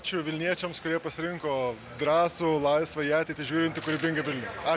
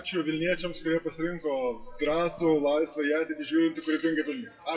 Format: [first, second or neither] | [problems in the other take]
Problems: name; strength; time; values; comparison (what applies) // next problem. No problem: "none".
first | noise reduction (classical method WPE with log-MMSE)